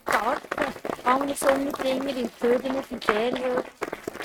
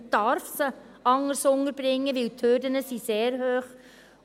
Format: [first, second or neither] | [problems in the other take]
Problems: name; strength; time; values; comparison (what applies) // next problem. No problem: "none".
second | noise reduction (neural mask model RNNoise)